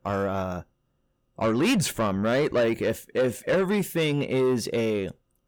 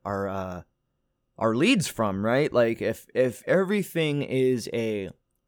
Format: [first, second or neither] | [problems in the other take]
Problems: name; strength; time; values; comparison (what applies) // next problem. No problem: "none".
second | distortion; slight; 10 dB below the speech